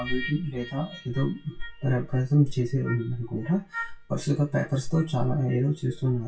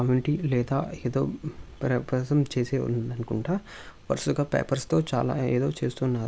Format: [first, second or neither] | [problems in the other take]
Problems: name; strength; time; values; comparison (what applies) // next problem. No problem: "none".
second | noise reduction (classical method WPE with log-MMSE)